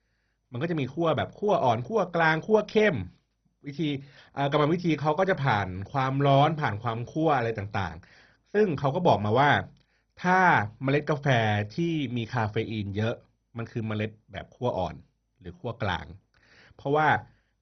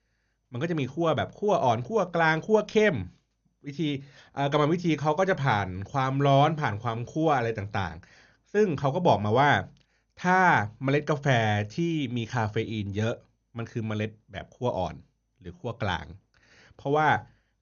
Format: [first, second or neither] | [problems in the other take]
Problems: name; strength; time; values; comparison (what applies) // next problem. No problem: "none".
second | garbled, watery; badly; nothing above 6 kHz; slightly in the second